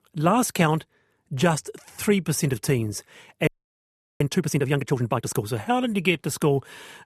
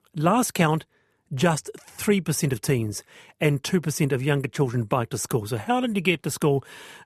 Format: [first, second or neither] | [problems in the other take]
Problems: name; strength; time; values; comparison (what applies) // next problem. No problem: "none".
second | audio freezing; at 3.5 s for 0.5 s